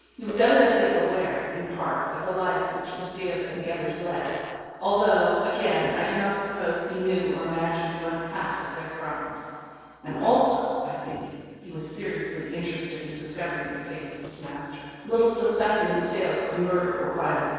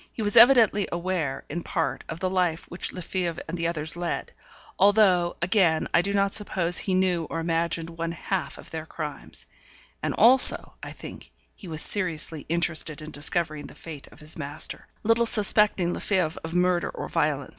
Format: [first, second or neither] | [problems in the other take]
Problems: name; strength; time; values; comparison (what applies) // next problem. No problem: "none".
second | noise reduction (neural separator model SepFormer DNS4)